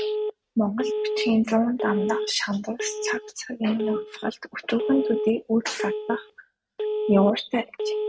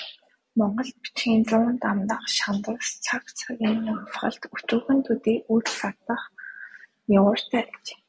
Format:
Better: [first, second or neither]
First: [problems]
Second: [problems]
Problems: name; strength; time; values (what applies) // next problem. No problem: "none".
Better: second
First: noise reduction (neural mask model RNNoise)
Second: none